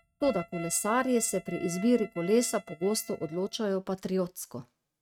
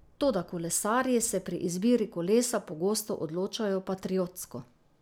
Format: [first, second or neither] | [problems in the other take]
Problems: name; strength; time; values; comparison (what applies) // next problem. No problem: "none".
second | noise reduction (neural mask model RNNoise)